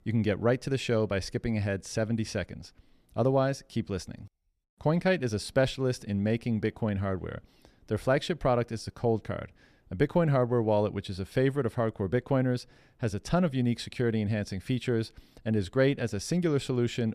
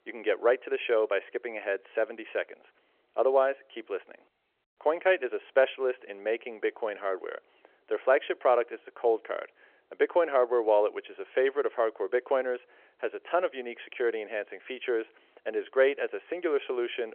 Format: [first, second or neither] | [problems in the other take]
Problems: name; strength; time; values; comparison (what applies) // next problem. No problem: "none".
first | phone-call audio